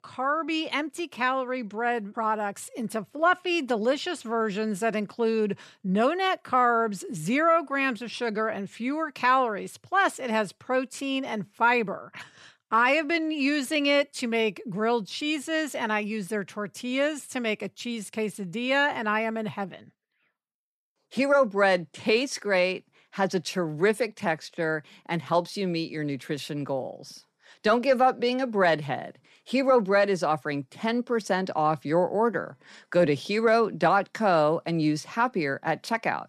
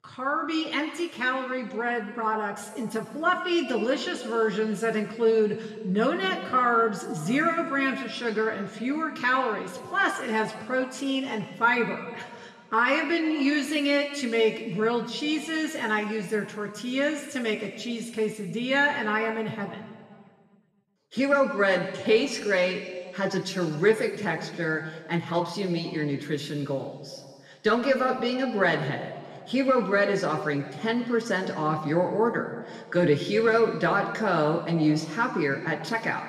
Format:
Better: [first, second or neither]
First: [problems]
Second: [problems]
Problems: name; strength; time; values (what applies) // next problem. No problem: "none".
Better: first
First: none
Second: room echo; slight; dies away in 1.6 s // off-mic speech; somewhat distant